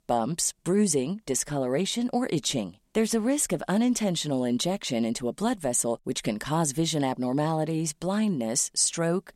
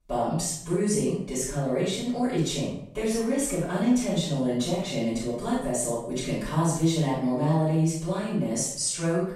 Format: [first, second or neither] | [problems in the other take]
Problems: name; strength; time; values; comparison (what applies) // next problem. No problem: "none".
first | off-mic speech; far // room echo; strong; dies away in 0.6 s